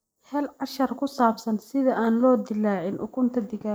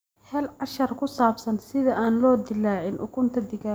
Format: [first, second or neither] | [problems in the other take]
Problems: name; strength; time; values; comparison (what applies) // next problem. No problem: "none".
second | noise reduction (neural mask model Resemble Enhance denoiser)